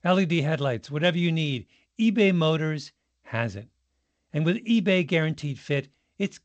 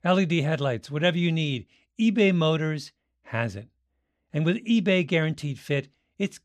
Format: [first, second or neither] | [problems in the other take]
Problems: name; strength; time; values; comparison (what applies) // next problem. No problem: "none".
second | garbled, watery; slightly; nothing above 8 kHz